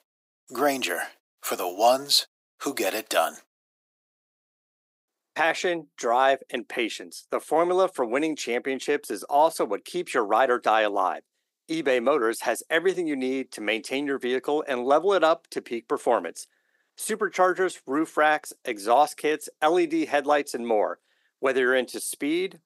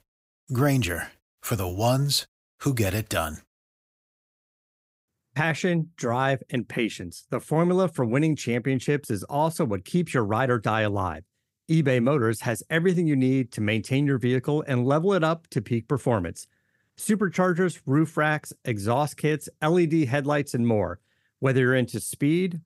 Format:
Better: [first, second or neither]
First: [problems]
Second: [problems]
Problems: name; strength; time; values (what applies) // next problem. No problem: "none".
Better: second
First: thin; very; fading below 300 Hz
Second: none